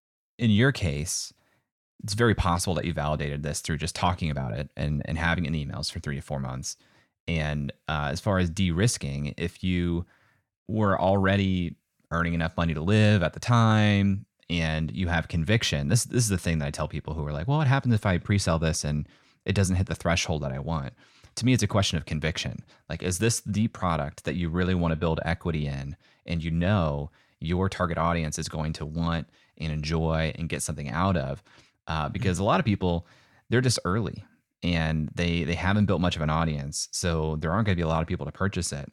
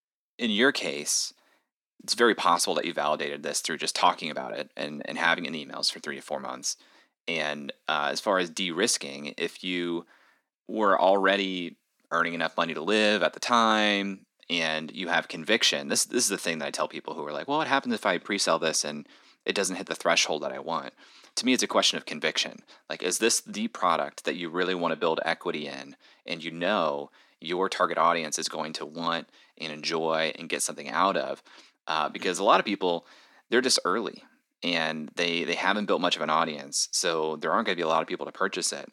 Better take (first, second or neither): first